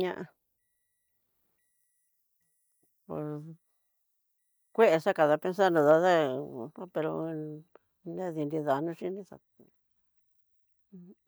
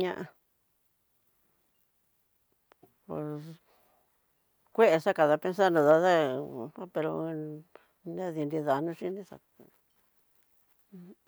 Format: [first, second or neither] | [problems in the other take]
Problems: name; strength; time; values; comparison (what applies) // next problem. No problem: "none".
second | noise reduction (neural mask model DeepFilterNet 3)